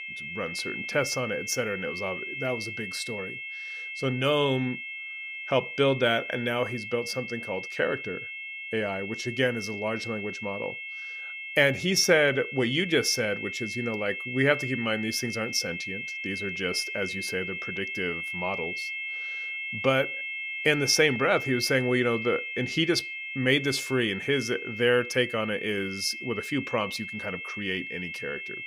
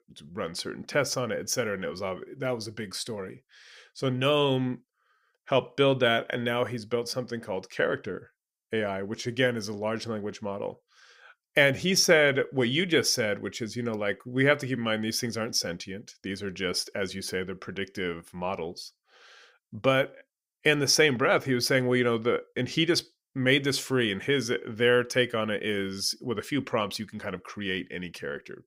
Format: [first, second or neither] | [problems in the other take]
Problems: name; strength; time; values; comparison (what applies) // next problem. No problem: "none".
second | high-pitched whine; loud; throughout; 2 kHz, 6 dB below the speech